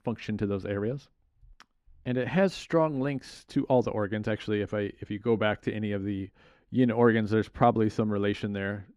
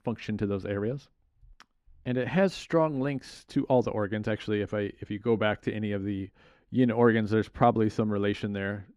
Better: neither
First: muffled; slightly; fading above 3.5 kHz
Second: muffled; slightly; fading above 3.5 kHz

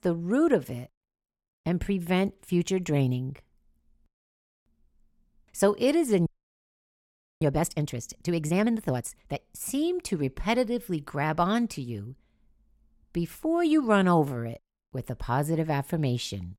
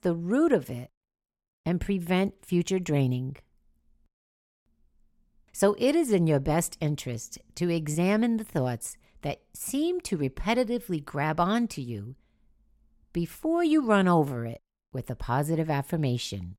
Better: second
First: audio freezing; at 6.5 s for 1 s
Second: none

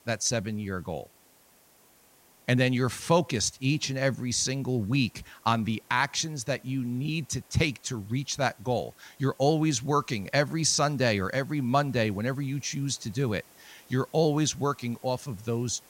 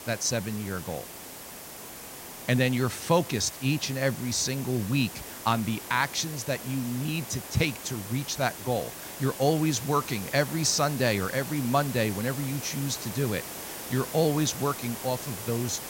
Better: first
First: hiss; faint; throughout; 25 dB below the speech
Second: hiss; loud; throughout; 10 dB below the speech

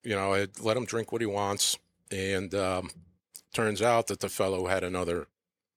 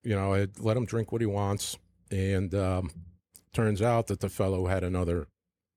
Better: second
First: thin; somewhat; fading below 550 Hz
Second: none

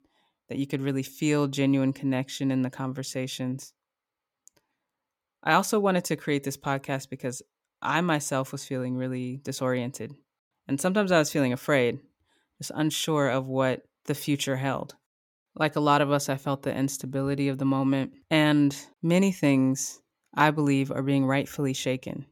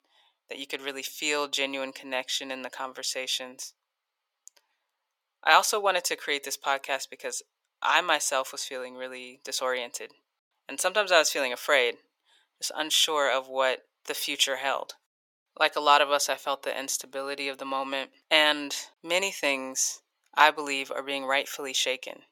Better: first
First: none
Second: thin; very; fading below 550 Hz

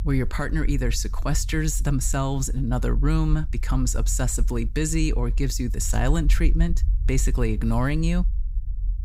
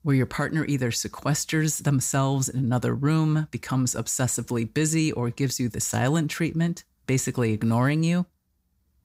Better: second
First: low rumble; faint; throughout; 20 dB below the speech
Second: none

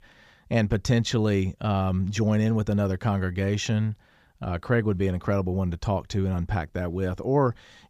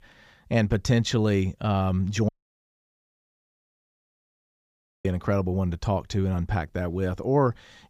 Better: first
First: none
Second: audio cutting out; at 2.5 s for 3 s

